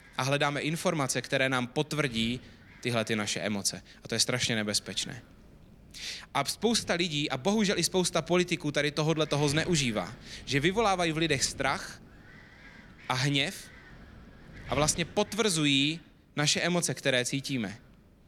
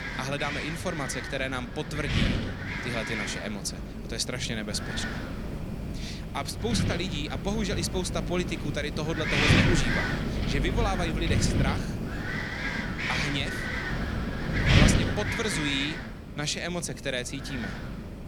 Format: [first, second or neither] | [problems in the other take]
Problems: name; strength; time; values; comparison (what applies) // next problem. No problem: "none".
first | wind noise on the microphone; heavy; 2 dB above the speech; occasional gusts in the first